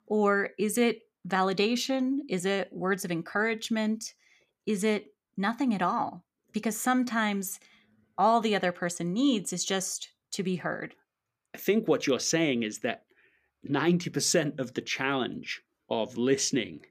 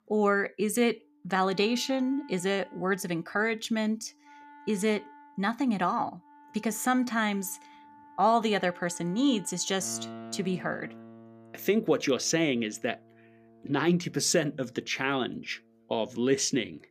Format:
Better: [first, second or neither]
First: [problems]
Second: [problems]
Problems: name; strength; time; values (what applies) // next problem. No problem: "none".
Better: first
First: none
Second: background music; faint; throughout; 20 dB below the speech